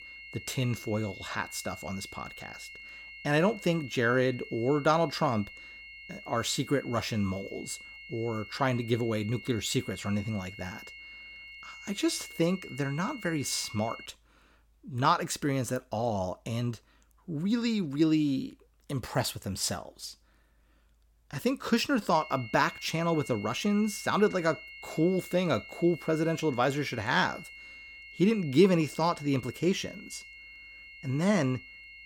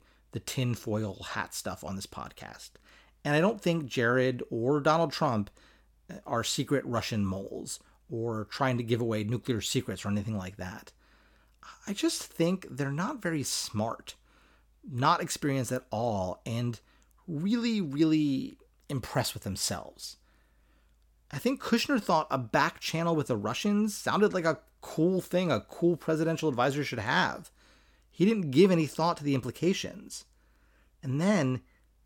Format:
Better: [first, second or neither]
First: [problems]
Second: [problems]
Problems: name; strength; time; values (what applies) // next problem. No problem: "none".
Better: second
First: high-pitched whine; noticeable; until 14 s and from 22 s on; 2 kHz, 15 dB below the speech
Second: none